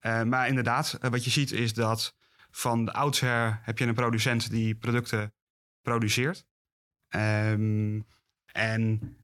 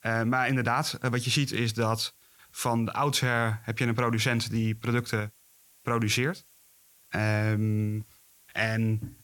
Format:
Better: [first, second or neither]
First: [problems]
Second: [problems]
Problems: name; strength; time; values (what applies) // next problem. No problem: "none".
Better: first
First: none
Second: hiss; faint; throughout; 30 dB below the speech